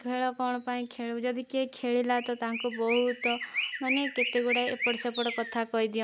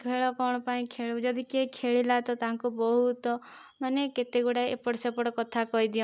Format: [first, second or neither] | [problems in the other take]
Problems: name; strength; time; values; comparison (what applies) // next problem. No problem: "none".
second | background sound (Chirp, tweet); 6 dB below the speech